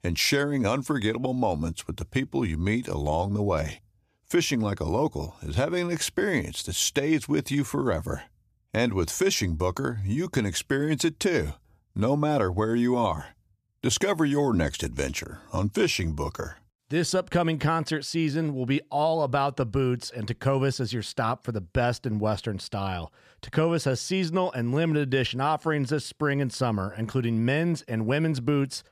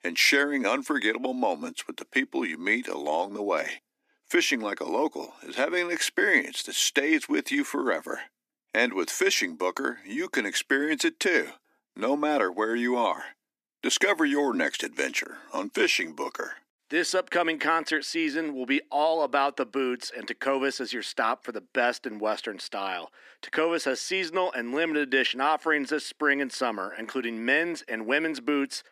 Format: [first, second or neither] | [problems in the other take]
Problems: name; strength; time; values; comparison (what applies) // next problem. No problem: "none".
first | thin; somewhat; fading below 250 Hz